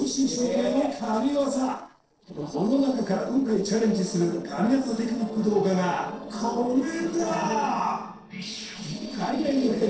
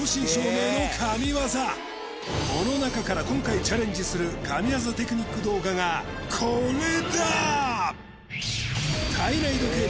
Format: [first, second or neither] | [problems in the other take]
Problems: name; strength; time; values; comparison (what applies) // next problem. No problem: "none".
second | noise reduction (neural separator model SepFormer DNS4)